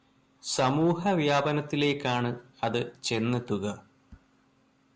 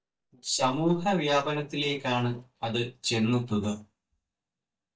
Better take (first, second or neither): first